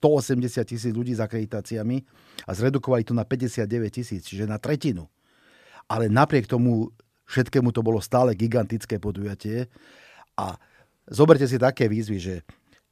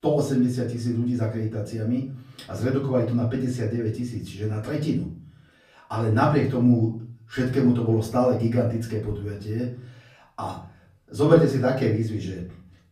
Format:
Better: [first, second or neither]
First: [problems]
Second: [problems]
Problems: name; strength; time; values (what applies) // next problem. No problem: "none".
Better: first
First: none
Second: off-mic speech; far // room echo; slight; dies away in 0.4 s